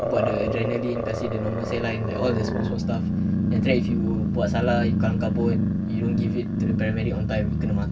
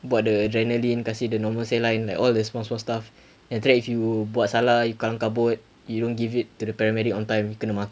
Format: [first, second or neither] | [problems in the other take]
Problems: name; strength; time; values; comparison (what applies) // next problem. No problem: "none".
second | background sound (Growling); 3 dB above the speech // room echo; dies away in 0.4 s